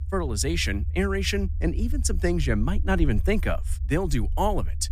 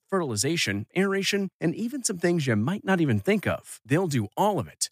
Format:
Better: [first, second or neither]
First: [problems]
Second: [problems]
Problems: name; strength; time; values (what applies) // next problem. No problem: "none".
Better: second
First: low rumble; faint; throughout; 20 dB below the speech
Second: none